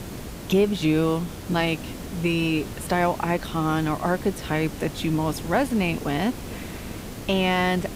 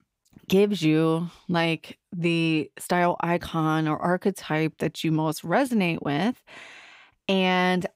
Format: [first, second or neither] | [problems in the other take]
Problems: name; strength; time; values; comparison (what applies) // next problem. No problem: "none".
second | hiss; noticeable; throughout; 10 dB below the speech